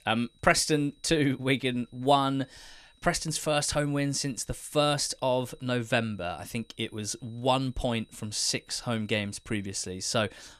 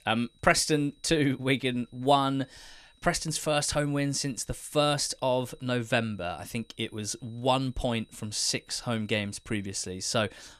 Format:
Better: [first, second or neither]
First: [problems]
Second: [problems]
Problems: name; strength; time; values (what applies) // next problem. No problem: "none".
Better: neither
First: high-pitched whine; faint; throughout; 4 kHz, 35 dB below the speech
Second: high-pitched whine; faint; throughout; 4 kHz, 35 dB below the speech